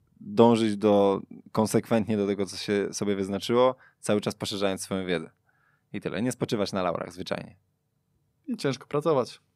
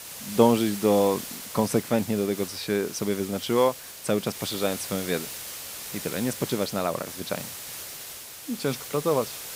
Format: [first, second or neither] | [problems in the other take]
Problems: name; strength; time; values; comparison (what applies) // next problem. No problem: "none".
first | hiss; loud; throughout; 9 dB below the speech